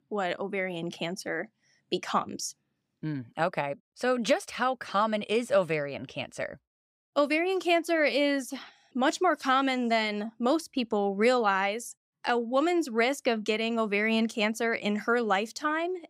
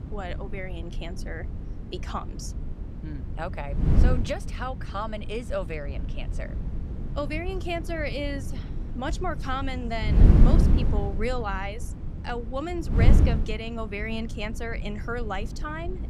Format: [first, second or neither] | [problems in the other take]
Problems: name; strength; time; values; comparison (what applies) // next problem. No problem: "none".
first | wind noise on the microphone; heavy; 7 dB below the speech